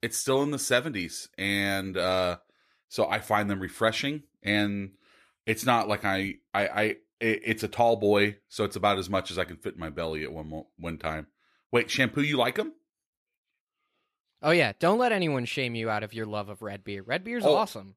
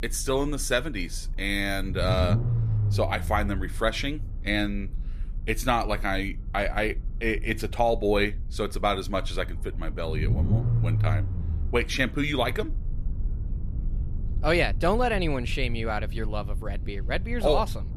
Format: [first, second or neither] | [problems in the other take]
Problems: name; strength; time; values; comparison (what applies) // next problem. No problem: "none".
first | low rumble; noticeable; throughout; 20 dB below the speech